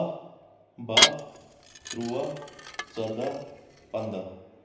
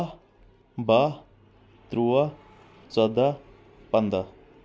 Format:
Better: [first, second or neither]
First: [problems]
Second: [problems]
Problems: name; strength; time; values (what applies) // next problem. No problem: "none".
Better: second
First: background sound (Dishes, pots, and pans / Glass); 5 dB above the speech // room echo; dies away in 0.9 s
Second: none